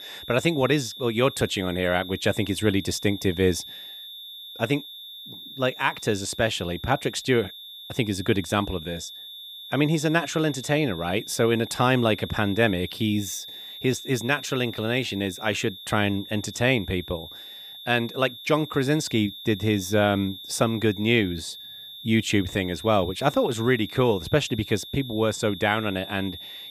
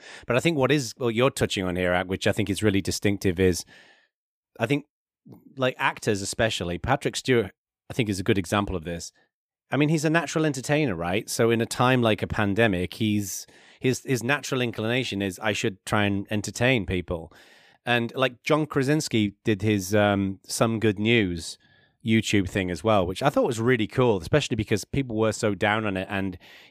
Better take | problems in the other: second | high-pitched whine; noticeable; throughout; 3.5 kHz, 15 dB below the speech

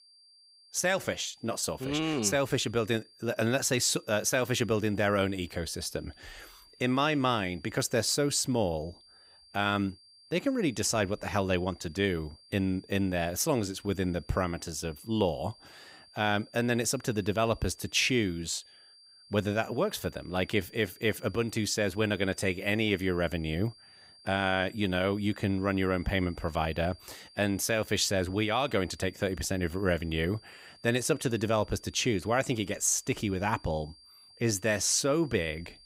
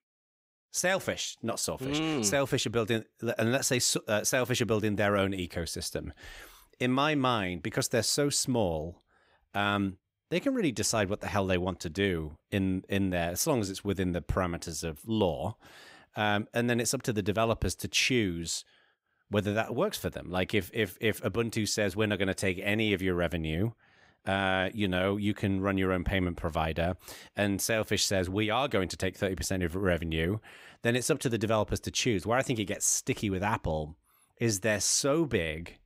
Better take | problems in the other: second | high-pitched whine; faint; throughout; 4.5 kHz, 25 dB below the speech

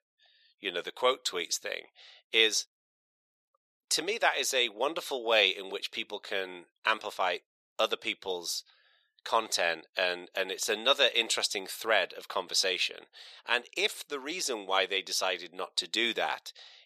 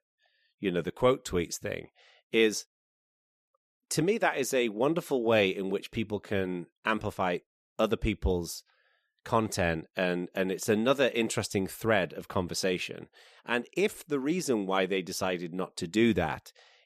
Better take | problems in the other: second | thin; very; fading below 650 Hz

